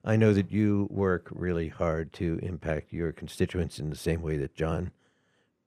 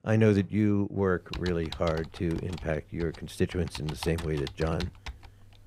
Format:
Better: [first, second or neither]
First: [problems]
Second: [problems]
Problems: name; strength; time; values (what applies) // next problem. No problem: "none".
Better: first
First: none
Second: keyboard typing; noticeable; from 1 s on; peak 9 dB below the speech